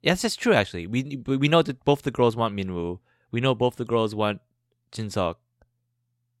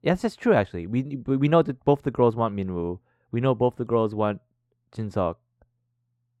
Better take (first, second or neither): first